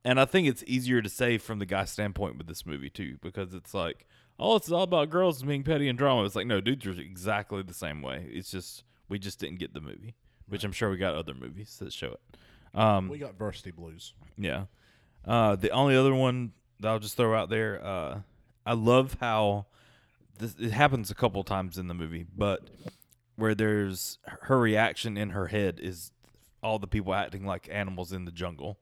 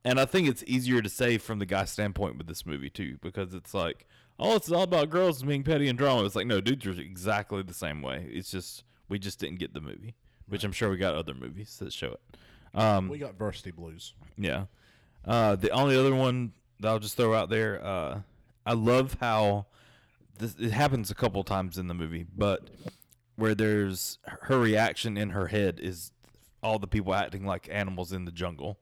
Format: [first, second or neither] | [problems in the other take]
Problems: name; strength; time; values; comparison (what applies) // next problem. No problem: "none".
first | distortion; slight; 3% of the sound clipped